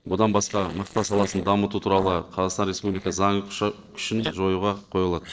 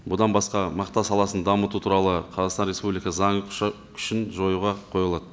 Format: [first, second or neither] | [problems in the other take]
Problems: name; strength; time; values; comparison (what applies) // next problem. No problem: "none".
second | noise reduction (neural separator model SepFormer DNS4)